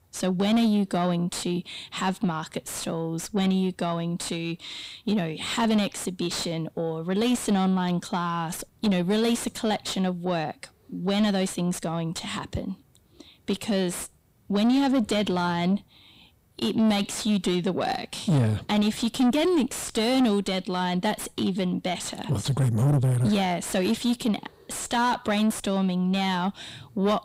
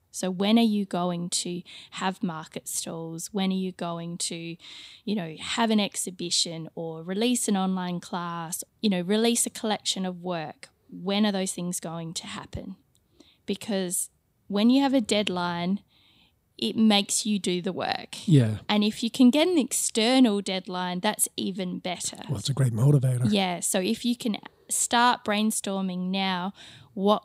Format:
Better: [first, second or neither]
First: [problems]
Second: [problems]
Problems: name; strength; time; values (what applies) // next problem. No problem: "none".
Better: second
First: distortion; heavy; 6 dB below the speech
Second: none